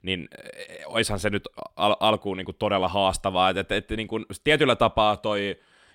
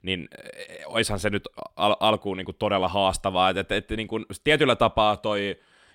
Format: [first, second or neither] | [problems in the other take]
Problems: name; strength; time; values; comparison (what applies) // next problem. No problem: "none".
neither | none